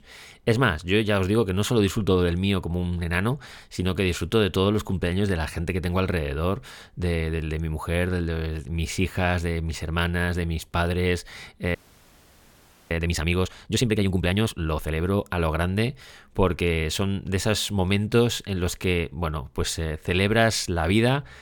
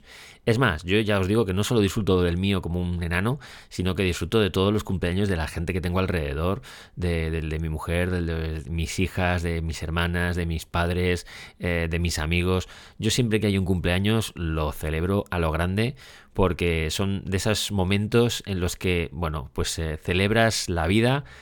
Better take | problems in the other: second | audio freezing; at 12 s for 1 s

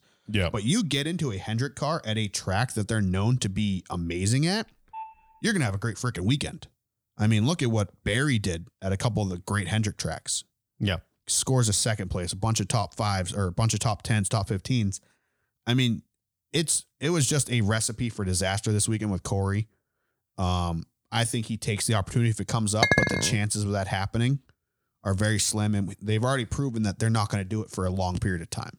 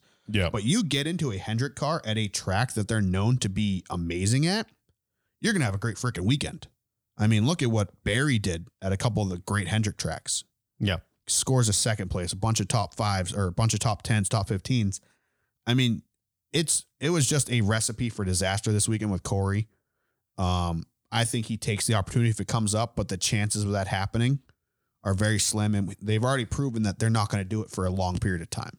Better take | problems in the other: second | phone ringing; faint; at 4.5 s; peak 15 dB below the speech // clattering dishes; loud; at 23 s; peak 5 dB above the speech

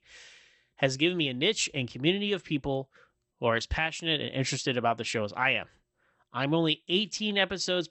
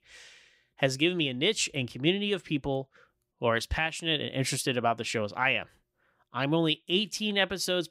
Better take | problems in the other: second | garbled, watery; slightly; nothing above 8 kHz

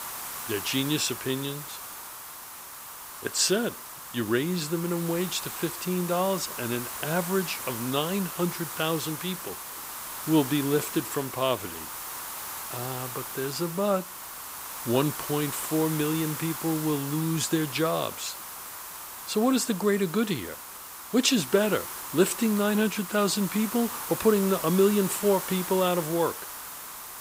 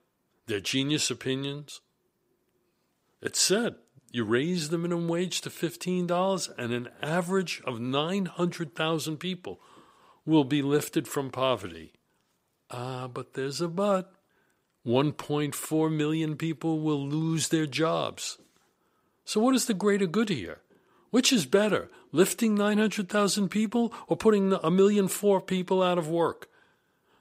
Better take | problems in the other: second | hiss; loud; throughout; 8 dB below the speech

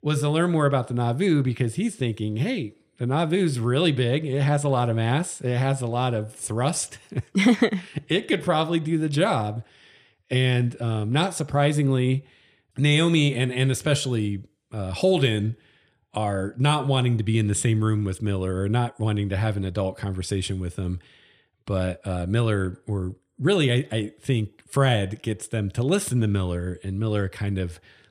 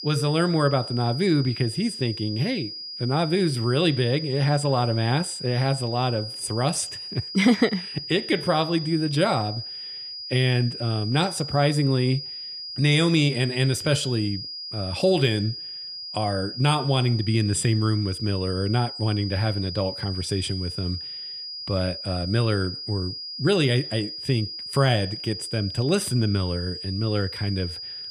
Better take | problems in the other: first | high-pitched whine; loud; throughout; 5 kHz, 8 dB below the speech

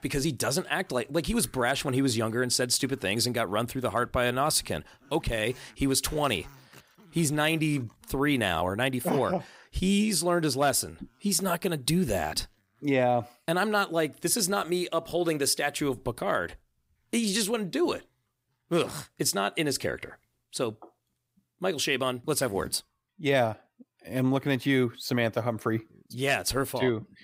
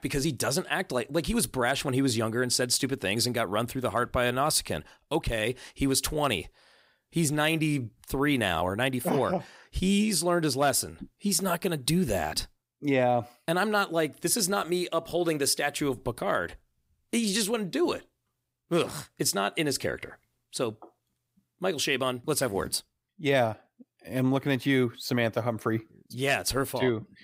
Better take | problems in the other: second | animal sounds; faint; throughout; 30 dB below the speech

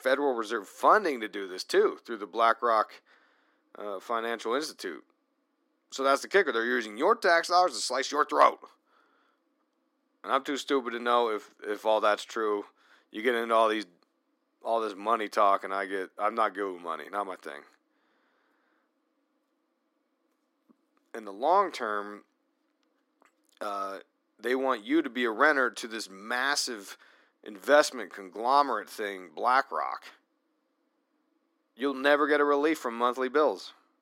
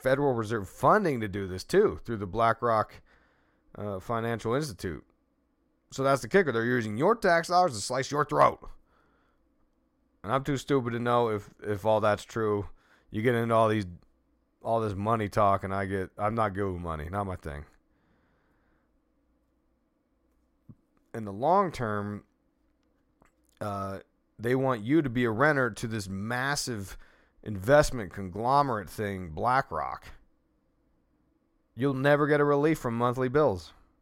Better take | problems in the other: second | thin; somewhat; fading below 250 Hz

